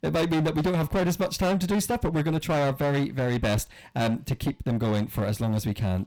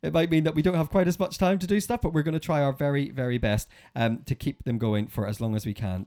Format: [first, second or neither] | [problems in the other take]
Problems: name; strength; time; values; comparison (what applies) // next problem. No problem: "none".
second | distortion; heavy; 23% of the sound clipped